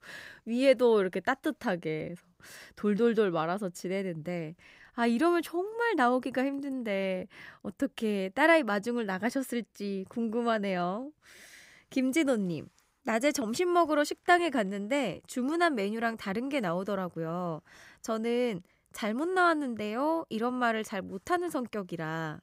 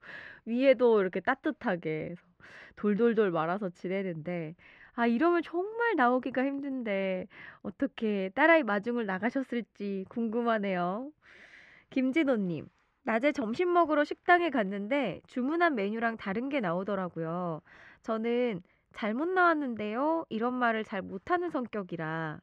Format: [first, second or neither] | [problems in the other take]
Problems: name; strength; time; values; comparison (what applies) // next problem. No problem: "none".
first | muffled; slightly; fading above 2.5 kHz